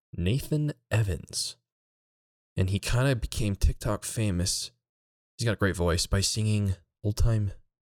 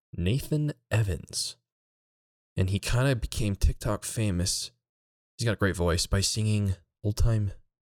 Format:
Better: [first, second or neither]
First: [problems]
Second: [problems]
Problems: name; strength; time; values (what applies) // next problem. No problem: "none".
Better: neither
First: none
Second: none